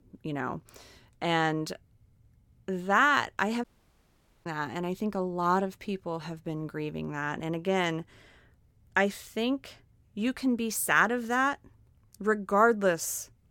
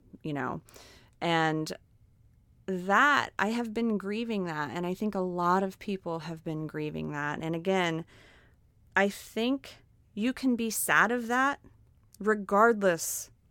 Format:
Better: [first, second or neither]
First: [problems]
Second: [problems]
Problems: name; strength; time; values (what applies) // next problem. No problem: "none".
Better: second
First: audio cutting out; at 3.5 s for 1 s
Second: none